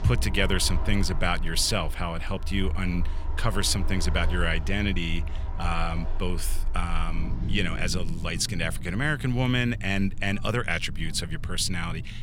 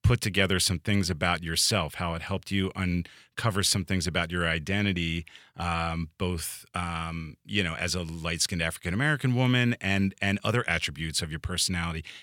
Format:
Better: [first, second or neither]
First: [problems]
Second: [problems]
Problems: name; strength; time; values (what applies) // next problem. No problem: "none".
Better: second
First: traffic noise; loud; throughout; 6 dB below the speech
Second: none